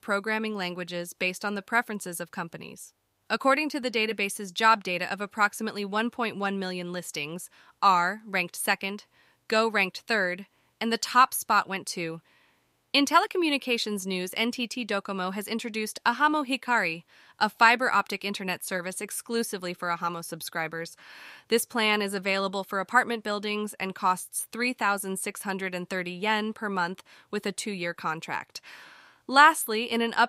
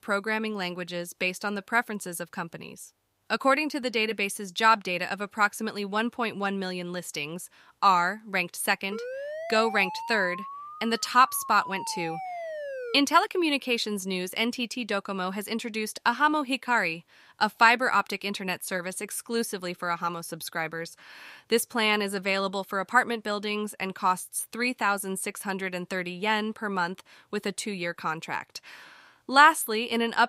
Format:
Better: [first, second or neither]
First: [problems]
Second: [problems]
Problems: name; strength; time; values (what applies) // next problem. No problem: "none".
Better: first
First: none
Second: siren; noticeable; from 9 to 13 s; peak 9 dB below the speech